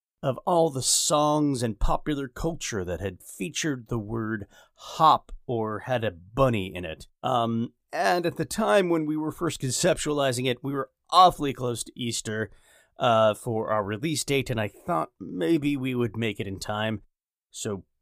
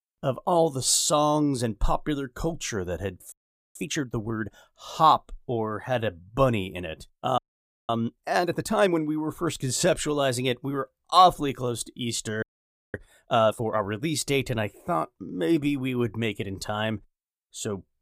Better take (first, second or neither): first